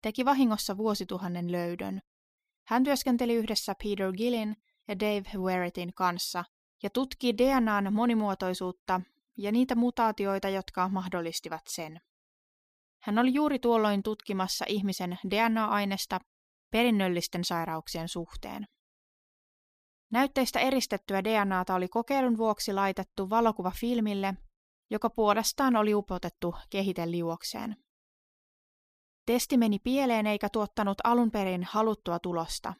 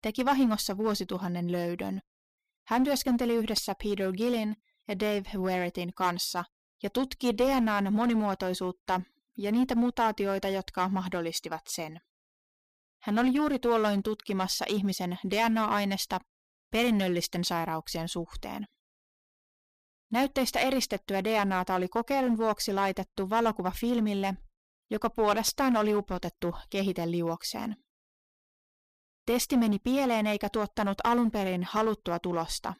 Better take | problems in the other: first | distortion; slight; 5% of the sound clipped

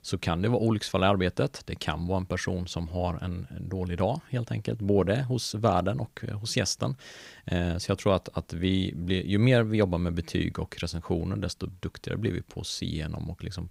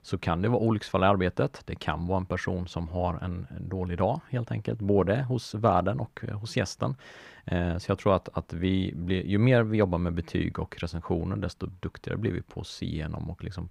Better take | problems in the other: first | muffled; slightly; fading above 3.5 kHz

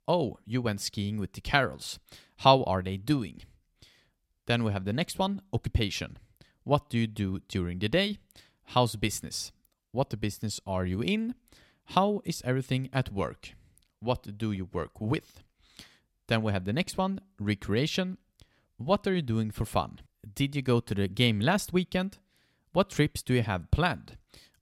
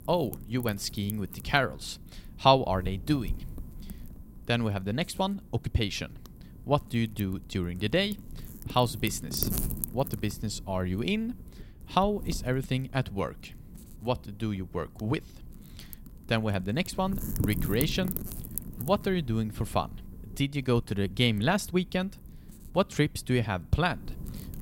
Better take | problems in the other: first | wind noise on the microphone; occasional gusts; 15 dB below the speech

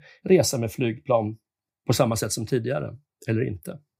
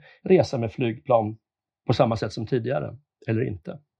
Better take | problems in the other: first | muffled; slightly; fading above 4 kHz

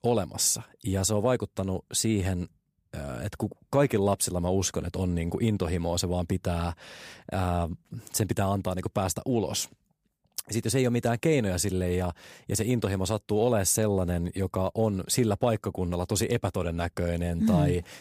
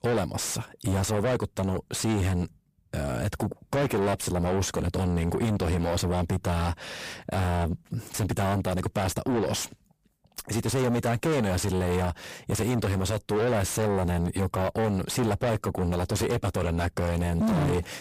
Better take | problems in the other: first | distortion; heavy; 5 dB below the speech

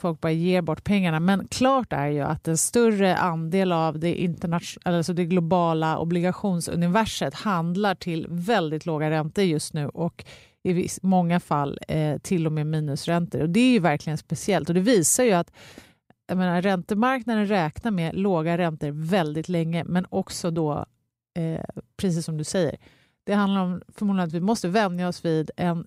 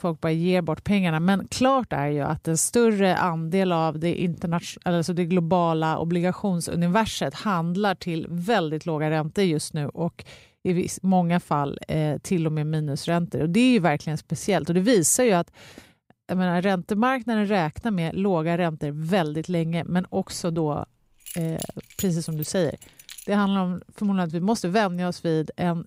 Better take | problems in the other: first | jangling keys; faint; from 21 to 23 s; peak 10 dB below the speech

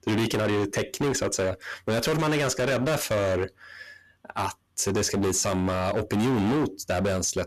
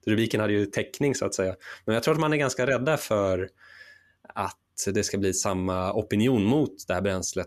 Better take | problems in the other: second | distortion; heavy; 23% of the sound clipped

